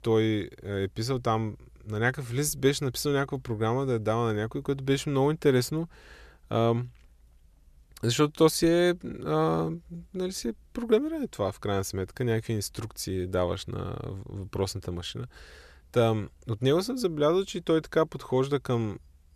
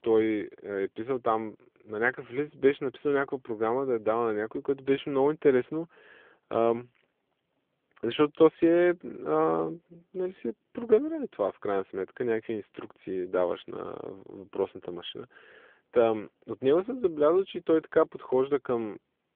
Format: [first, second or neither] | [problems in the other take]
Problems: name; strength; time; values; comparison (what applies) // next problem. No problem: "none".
first | phone-call audio; nothing above 3.5 kHz